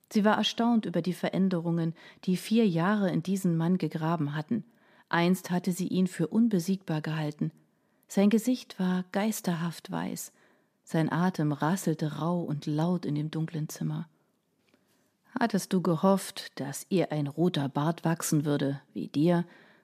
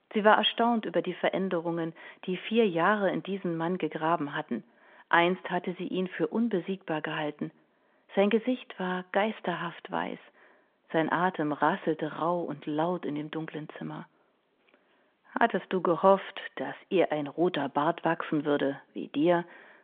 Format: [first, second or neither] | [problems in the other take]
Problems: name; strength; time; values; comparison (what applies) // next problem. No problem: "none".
first | phone-call audio; nothing above 3.5 kHz